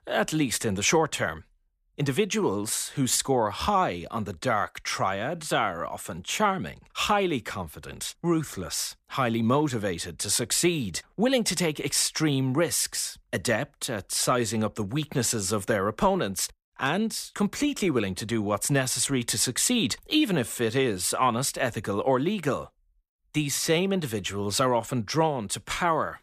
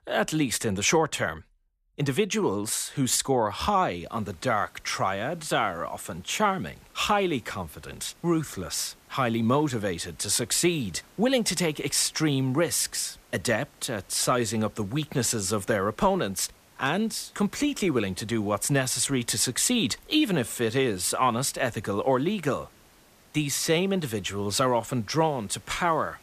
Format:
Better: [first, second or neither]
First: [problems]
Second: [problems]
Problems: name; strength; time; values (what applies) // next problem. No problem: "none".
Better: first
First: none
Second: hiss; faint; from 4 s on; 30 dB below the speech